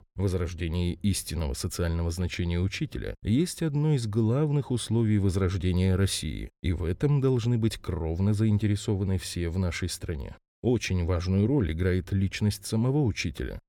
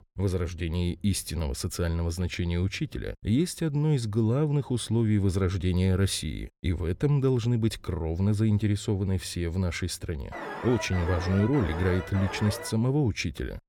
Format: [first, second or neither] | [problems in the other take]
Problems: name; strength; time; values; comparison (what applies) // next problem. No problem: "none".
first | alarm; noticeable; from 10 to 13 s; peak 8 dB below the speech